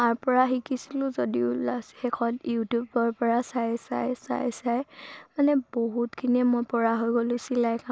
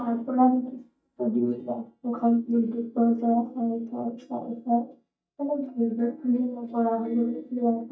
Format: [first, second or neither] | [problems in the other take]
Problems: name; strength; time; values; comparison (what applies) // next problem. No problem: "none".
first | noise reduction (neural mask model DeepFilterNet 3)